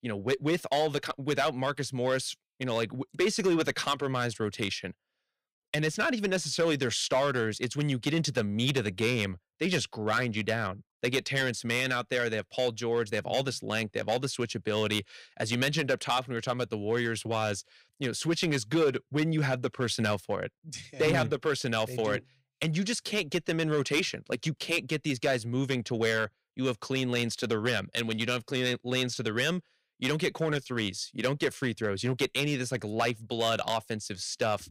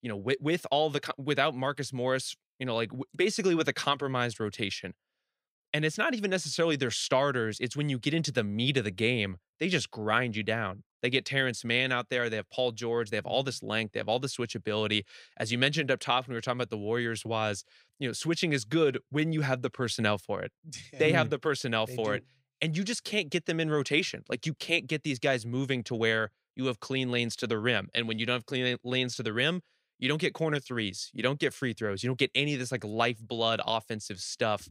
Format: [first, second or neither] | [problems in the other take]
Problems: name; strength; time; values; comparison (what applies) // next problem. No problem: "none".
second | distortion; slight; 4% of the sound clipped